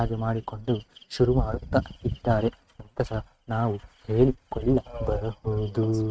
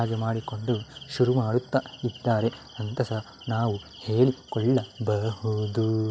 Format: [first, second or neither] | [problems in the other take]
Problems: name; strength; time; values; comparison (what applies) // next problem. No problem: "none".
second | noise reduction (neural mask model RNNoise)